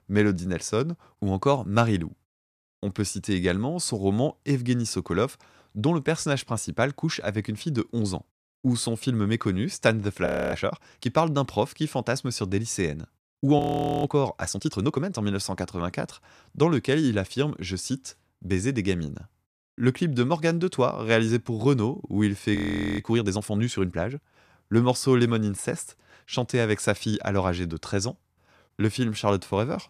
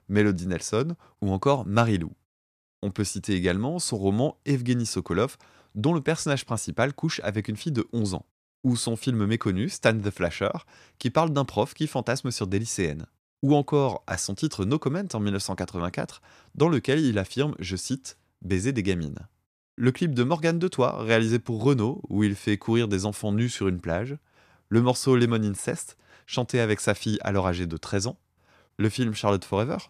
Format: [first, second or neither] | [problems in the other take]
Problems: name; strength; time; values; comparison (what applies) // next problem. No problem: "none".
second | audio freezing; at 10 s, at 14 s and at 23 s